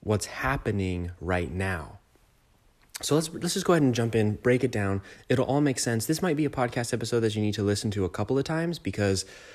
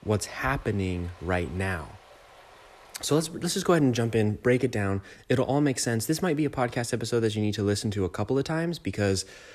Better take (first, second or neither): first